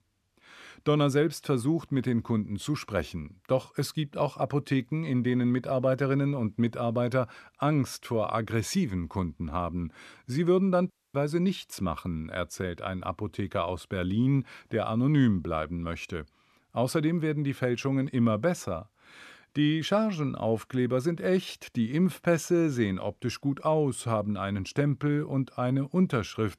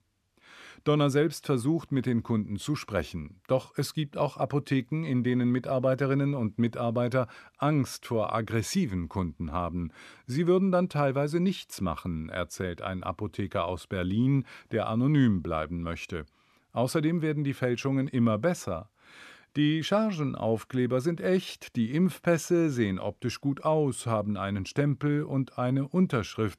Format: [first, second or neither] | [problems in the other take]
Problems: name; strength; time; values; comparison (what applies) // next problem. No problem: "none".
second | audio cutting out; at 11 s